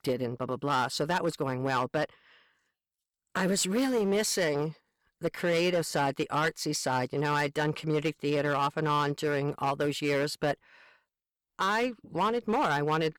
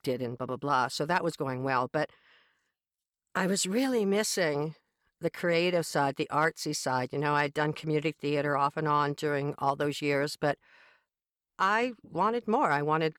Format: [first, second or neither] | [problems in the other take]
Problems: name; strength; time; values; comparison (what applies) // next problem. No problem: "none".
second | distortion; slight; 8% of the sound clipped